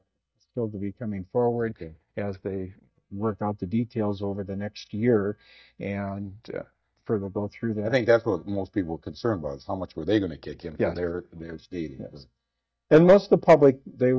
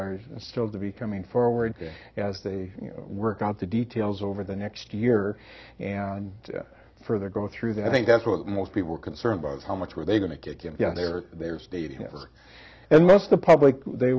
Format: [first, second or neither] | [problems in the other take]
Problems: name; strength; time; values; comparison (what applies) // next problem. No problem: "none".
second | noise reduction (neural mask model DeepFilterNet 3)